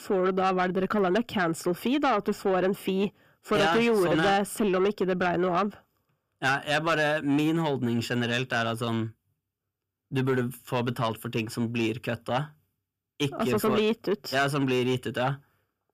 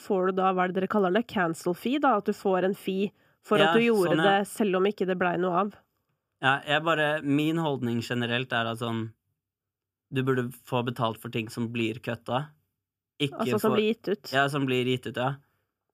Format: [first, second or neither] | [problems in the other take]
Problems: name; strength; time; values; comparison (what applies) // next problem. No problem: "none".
second | distortion; slight; 10 dB below the speech